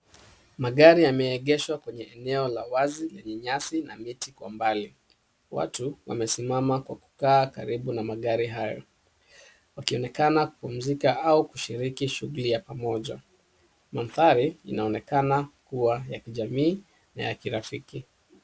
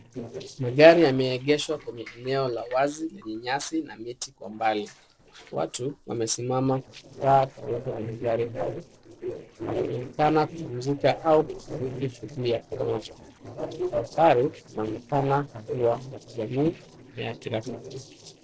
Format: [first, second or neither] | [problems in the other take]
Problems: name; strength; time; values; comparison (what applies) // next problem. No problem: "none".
first | noise reduction (neural separator model SepFormer DNS4)